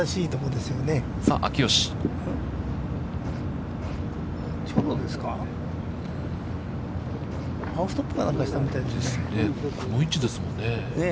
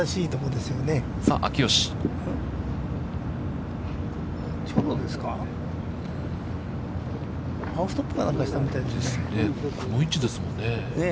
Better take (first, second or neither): second